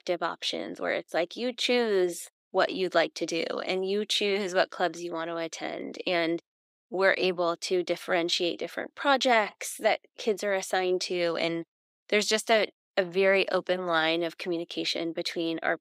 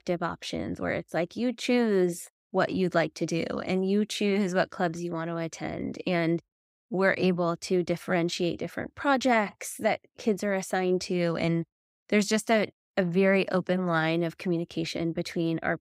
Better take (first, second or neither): second